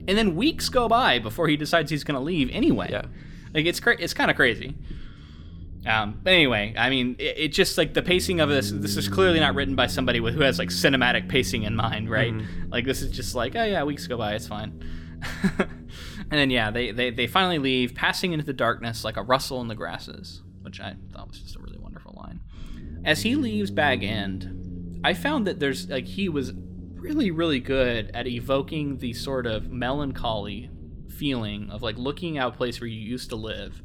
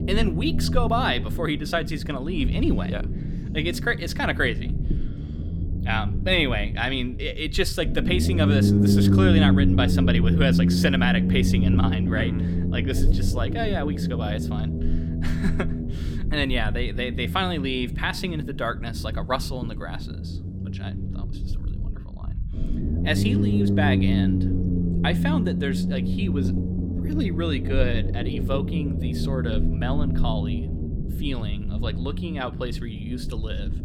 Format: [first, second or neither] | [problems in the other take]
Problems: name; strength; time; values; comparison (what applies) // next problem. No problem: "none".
first | low rumble; loud; throughout; 6 dB below the speech; faint in the first